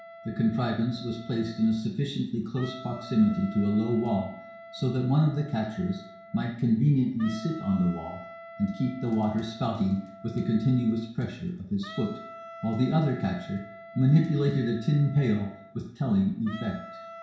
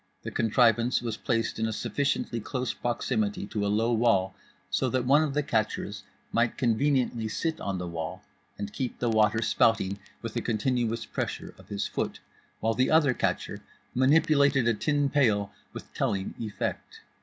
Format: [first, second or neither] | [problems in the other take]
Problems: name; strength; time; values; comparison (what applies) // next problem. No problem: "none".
second | background sound (Wind instrument, woodwind instrument); 18 dB below the speech // room echo; dies away in 0.6 s